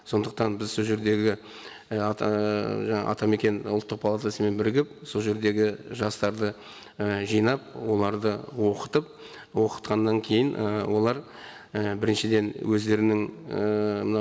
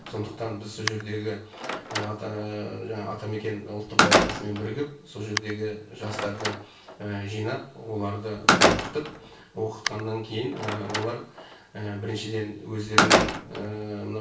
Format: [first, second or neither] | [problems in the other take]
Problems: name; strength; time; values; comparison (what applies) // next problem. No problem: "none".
first | background sound (Slam); 4 dB above the speech // room echo; dies away in 0.3 s